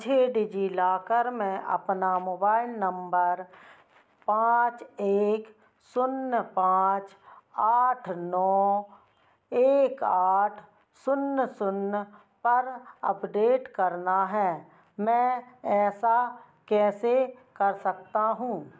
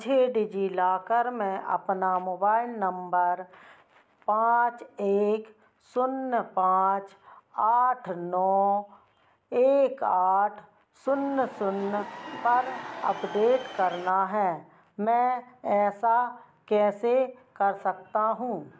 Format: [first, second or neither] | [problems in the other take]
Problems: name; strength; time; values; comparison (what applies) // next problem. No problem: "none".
first | background sound (Crowd / Cheering); 13 dB below the speech